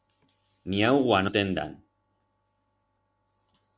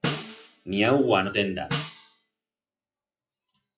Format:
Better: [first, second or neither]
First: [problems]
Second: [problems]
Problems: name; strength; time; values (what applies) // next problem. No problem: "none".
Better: first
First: none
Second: noise reduction (classical method WPE with log-MMSE)